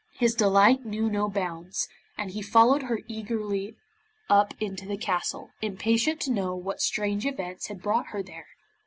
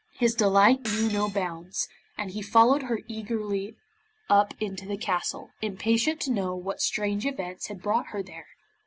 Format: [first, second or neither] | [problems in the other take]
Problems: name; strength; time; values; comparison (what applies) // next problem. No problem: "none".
first | background sound (Shatter); 14 dB below the speech